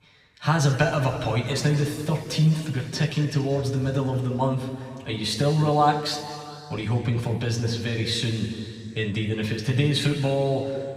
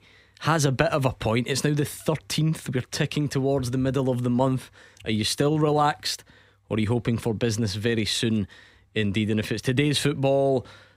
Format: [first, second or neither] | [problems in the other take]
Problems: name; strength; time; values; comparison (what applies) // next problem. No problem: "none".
second | room echo; noticeable; dies away in 2.4 s // off-mic speech; somewhat distant